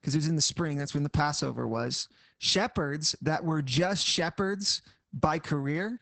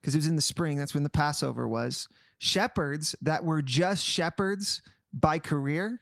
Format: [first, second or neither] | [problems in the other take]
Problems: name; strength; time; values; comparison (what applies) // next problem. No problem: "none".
second | garbled, watery; badly; nothing above 8 kHz; slightly in the second